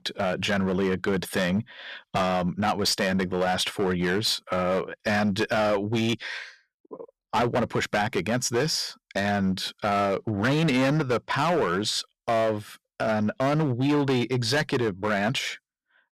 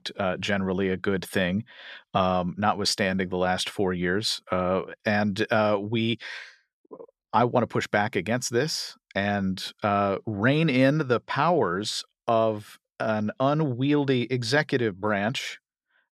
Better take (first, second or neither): second